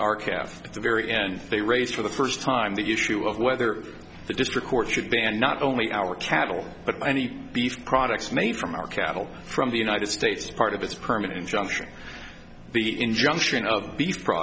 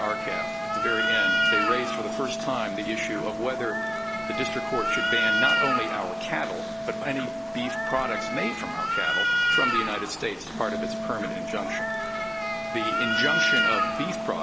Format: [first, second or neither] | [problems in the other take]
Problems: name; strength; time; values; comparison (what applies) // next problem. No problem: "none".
first | background sound (Cat + Organ); 4 dB above the speech